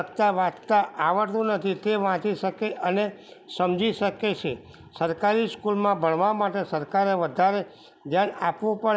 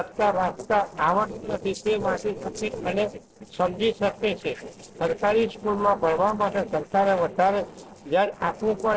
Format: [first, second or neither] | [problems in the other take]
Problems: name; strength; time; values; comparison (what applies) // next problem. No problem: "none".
first | noise reduction (neural separator model SepFormer DNS4)